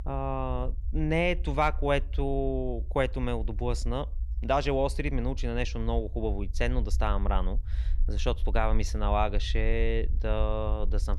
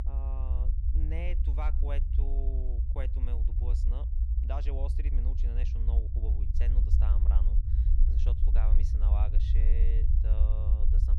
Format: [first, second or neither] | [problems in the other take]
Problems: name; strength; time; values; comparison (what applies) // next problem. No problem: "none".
first | low rumble; loud; throughout; 3 dB below the speech; faint in the first